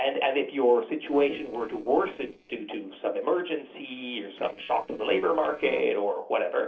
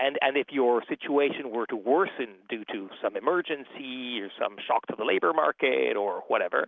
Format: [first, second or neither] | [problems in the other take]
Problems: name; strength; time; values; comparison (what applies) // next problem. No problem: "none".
second | noise reduction (neural separator model SepFormer DNS4)